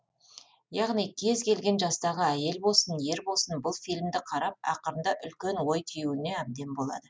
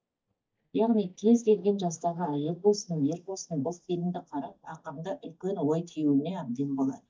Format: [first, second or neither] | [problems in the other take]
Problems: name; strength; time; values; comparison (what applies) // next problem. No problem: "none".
first | noise reduction (neural mask model DeepFilterNet 3)